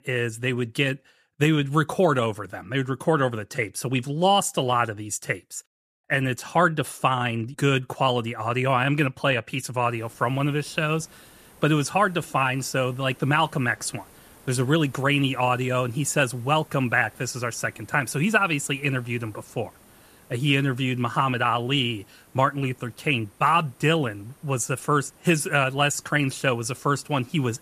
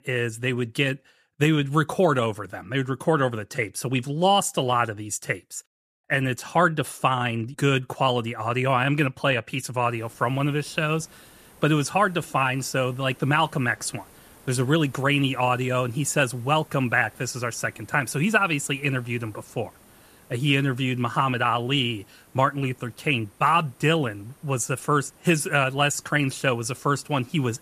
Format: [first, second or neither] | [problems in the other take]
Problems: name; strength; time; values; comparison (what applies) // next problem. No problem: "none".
neither | hiss; faint; from 10 s on; 25 dB below the speech; the same in both